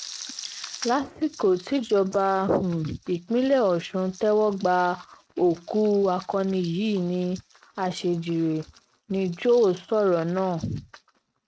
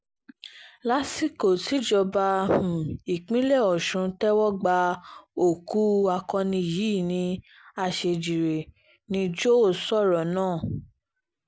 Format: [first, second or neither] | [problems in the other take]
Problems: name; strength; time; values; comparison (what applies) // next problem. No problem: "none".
second | noise reduction (neural mask model RNNoise)